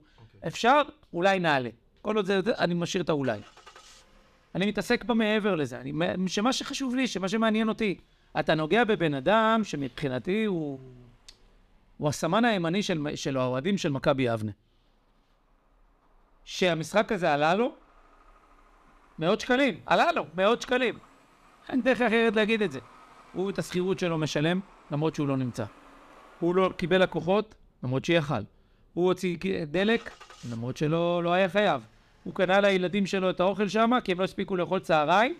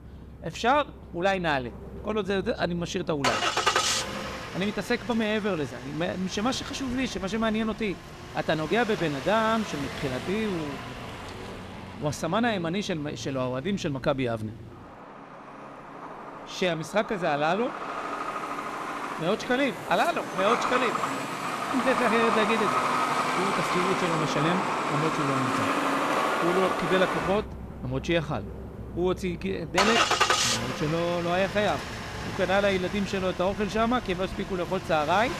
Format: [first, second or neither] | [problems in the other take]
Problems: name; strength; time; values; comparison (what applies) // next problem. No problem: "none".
first | traffic noise; loud; throughout; 1 dB below the speech; faint in the first